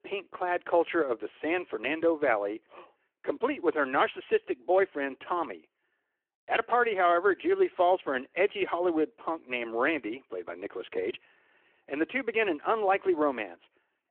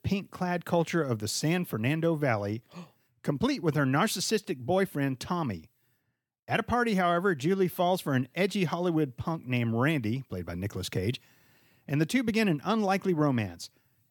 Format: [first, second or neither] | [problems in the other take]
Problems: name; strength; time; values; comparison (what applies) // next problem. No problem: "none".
second | phone-call audio